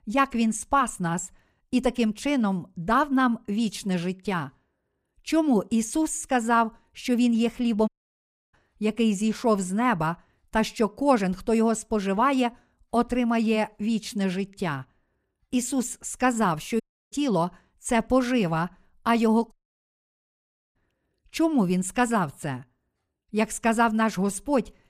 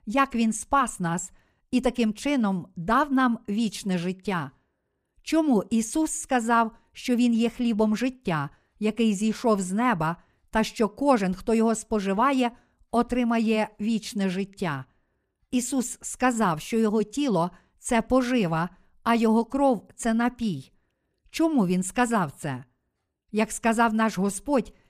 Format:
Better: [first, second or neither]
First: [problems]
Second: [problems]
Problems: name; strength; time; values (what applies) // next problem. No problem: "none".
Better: second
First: audio cutting out; at 8 s for 0.5 s, at 17 s and at 20 s for 1 s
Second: none